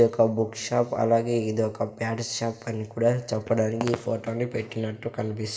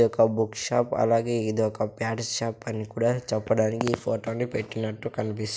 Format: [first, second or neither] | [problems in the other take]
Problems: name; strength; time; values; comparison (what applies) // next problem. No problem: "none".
second | room echo; dies away in 1.3 s